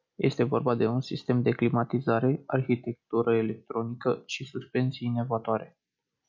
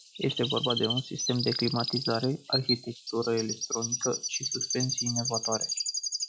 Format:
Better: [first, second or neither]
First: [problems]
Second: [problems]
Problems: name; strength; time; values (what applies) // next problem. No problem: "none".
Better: first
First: none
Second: background sound (Chirp, tweet); 2 dB below the speech